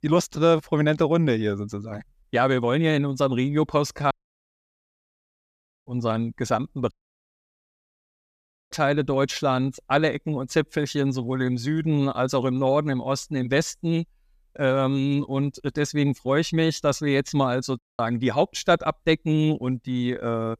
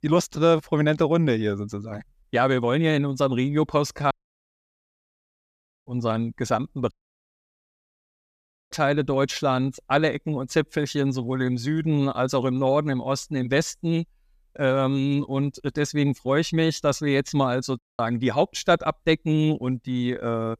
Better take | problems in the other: neither | audio cutting out; at 4 s for 2 s, at 7 s for 2 s and at 18 s; the same in both

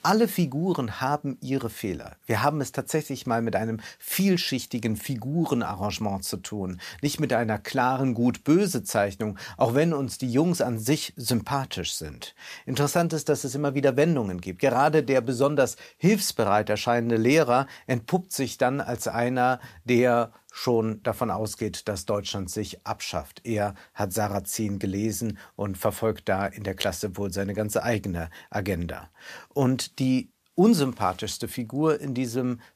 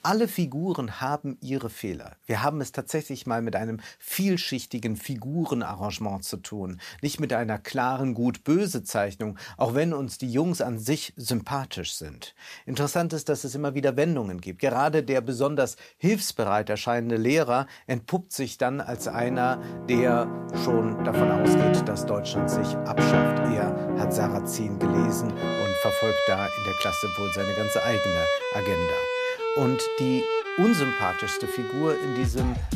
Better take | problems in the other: first | background music; very loud; from 20 s on; 2 dB above the speech

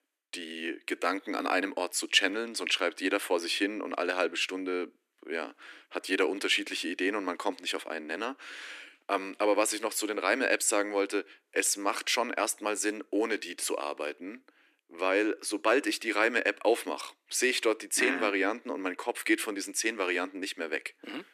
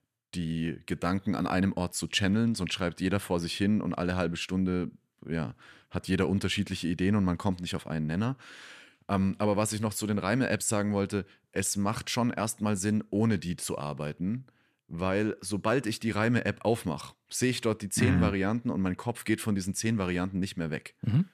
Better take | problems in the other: second | thin; somewhat; fading below 300 Hz

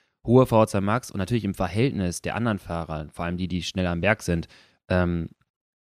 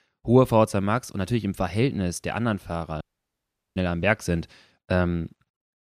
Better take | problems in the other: first | audio cutting out; at 3 s for 1 s

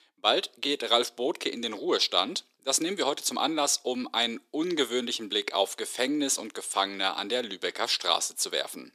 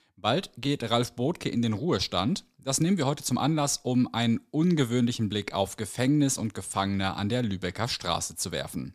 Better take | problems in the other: second | thin; somewhat; fading below 350 Hz

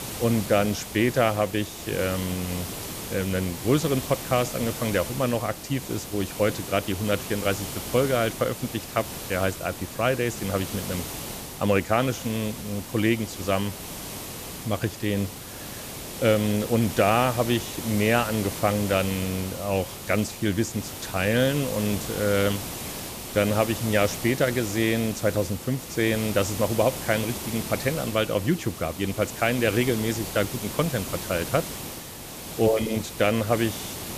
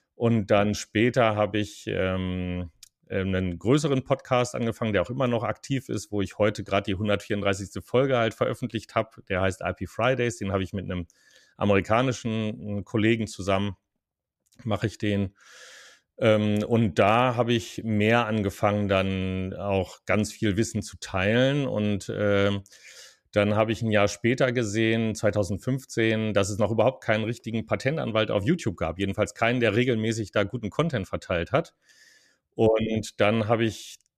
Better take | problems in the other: second | hiss; loud; throughout; 8 dB below the speech

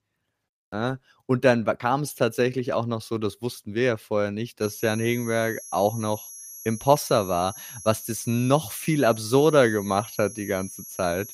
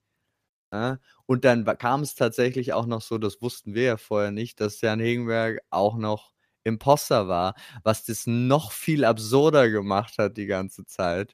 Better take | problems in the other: second | high-pitched whine; noticeable; from 4.5 s on; 11.5 kHz, 15 dB below the speech

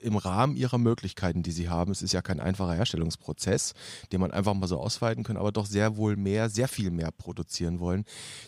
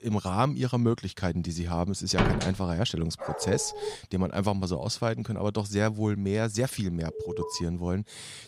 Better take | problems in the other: first | door banging; loud; at 2 s; peak 3 dB above the speech // dog barking; noticeable; at 3 s; peak 6 dB below the speech // alarm; noticeable; at 7 s; peak 6 dB below the speech

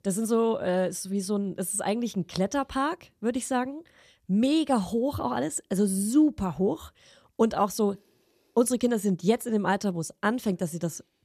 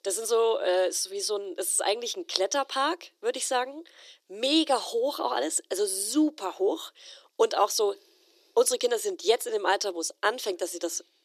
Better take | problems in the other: first | thin; very; fading below 350 Hz

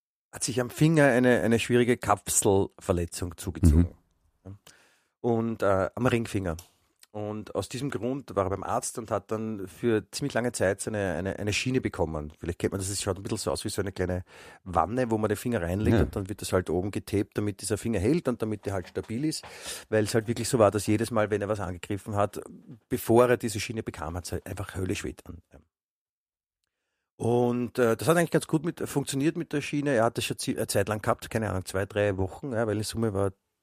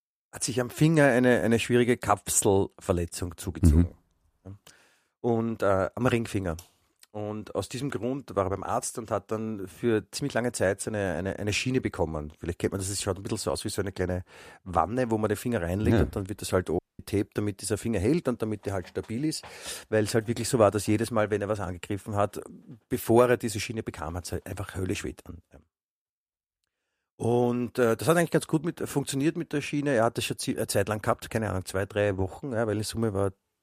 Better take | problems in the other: first | audio cutting out; at 17 s

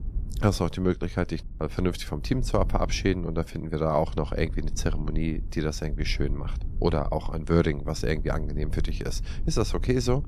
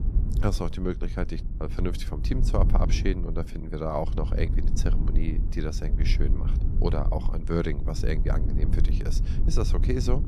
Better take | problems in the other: first | low rumble; loud; throughout; 10 dB below the speech; faint in the first

